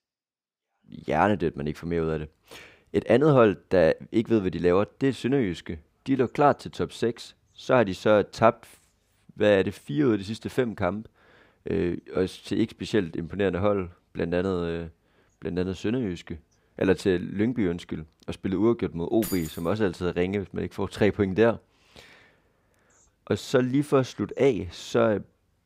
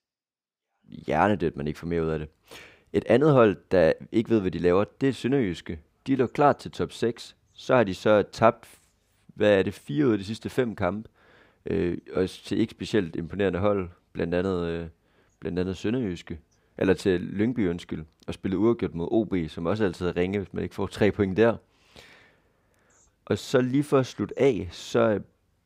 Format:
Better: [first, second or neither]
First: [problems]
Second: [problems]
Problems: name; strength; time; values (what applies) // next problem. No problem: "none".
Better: second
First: jangling keys; faint; at 19 s; peak 10 dB below the speech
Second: none